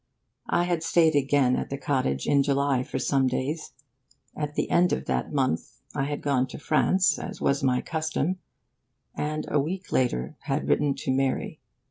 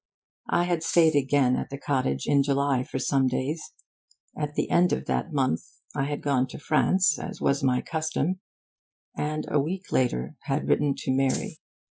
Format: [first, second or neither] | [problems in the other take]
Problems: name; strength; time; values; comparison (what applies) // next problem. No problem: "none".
first | noise reduction (classical method Wiener filter)